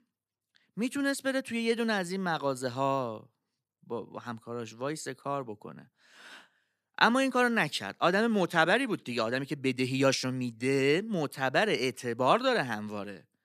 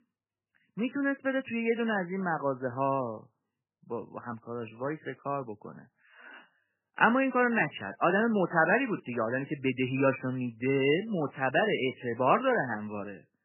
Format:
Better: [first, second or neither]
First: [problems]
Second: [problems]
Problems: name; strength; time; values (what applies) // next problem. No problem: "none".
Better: first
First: none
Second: garbled, watery; badly; nothing above 3 kHz